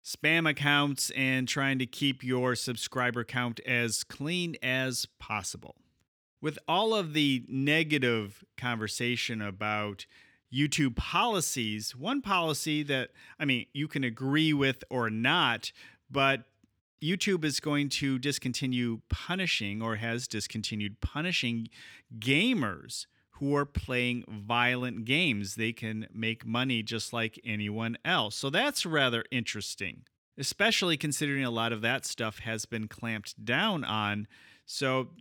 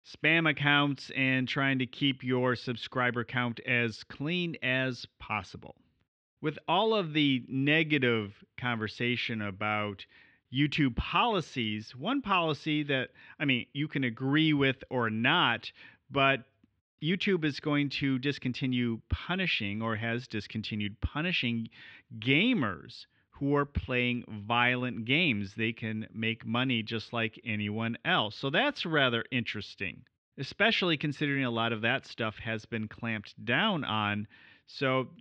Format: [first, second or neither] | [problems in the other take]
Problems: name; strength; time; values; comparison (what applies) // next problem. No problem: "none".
first | muffled; slightly; fading above 3.5 kHz